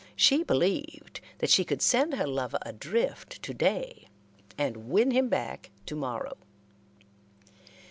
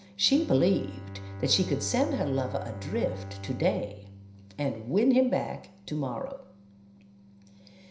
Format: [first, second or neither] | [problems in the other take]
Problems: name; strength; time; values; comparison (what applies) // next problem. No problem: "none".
first | background sound (Bowed string instrument); 12 dB below the speech // room echo; dies away in 0.5 s